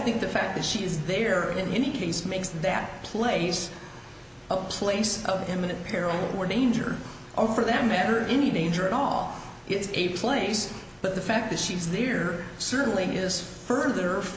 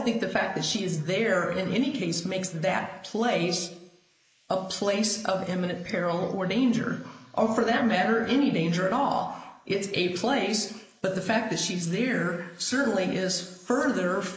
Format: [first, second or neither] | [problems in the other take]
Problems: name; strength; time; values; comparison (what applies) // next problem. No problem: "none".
first | noise reduction (neural mask model Resemble Enhance denoiser)